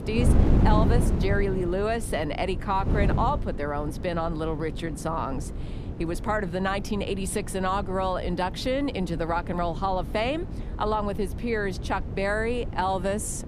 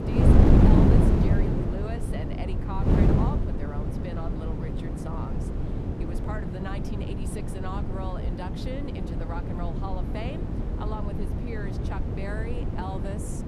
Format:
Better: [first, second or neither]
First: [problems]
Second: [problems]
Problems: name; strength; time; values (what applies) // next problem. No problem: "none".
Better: first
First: wind noise on the microphone; occasional gusts; 10 dB below the speech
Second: wind noise on the microphone; heavy; 5 dB above the speech